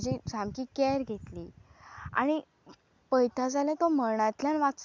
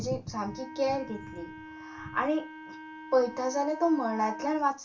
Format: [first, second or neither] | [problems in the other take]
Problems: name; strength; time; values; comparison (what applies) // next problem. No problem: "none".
first | background sound (Wind instrument, woodwind instrument); 13 dB below the speech // room echo; dies away in 0.2 s